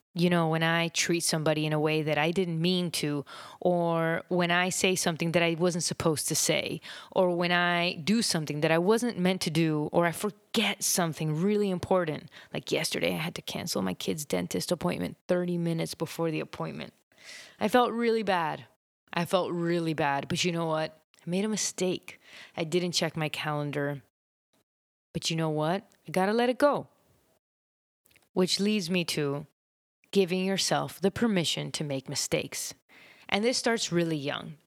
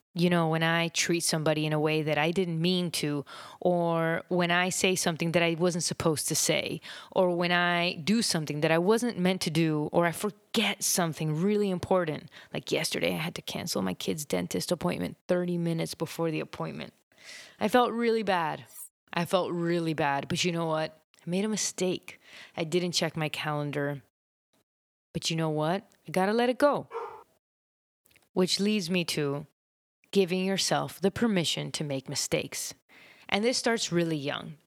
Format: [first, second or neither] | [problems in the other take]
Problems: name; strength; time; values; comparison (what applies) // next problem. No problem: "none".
first | clattering dishes; faint; at 19 s; peak 15 dB below the speech // dog barking; faint; at 27 s; peak 10 dB below the speech